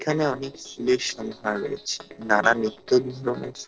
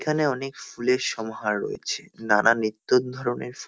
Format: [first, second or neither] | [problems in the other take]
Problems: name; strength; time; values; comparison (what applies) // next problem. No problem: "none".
second | noise reduction (neural separator model SepFormer DNS4)